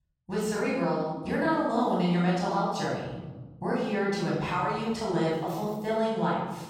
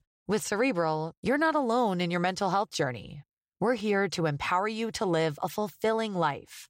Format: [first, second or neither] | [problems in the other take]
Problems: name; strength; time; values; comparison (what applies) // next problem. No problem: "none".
second | off-mic speech; far // room echo; strong; dies away in 1.5 s